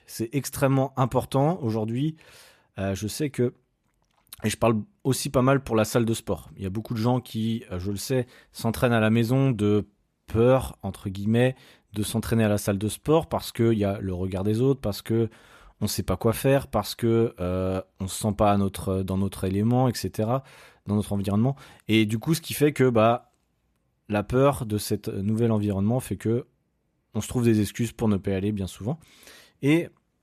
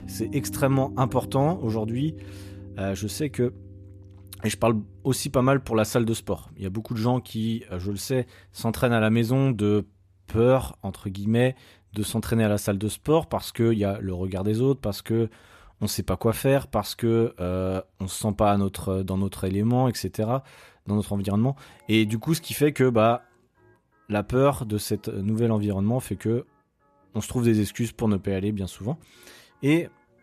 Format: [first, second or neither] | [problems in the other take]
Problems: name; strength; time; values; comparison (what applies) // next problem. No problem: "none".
first | background music; noticeable; throughout; 15 dB below the speech